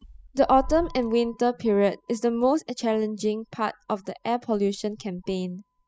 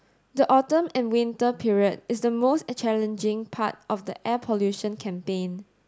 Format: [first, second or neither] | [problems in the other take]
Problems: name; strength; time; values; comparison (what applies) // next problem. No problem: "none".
second | noise reduction (classical method spectral subtraction)